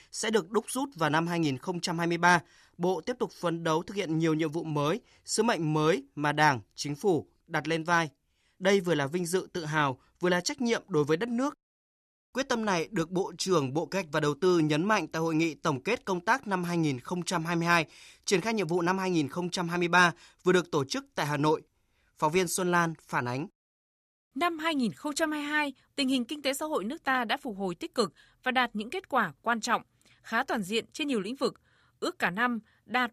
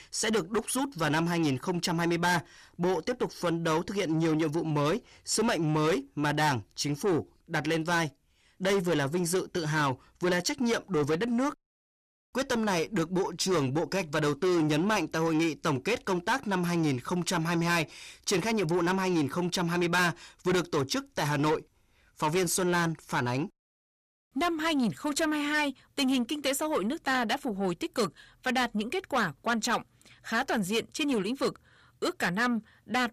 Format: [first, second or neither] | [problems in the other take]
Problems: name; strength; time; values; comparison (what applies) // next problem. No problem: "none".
first | distortion; heavy; 8 dB below the speech